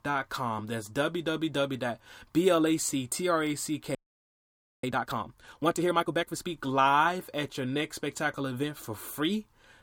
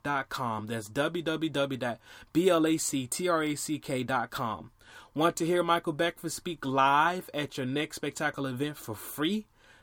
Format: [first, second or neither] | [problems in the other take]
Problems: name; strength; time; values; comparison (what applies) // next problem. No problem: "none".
second | audio freezing; at 4 s for 1 s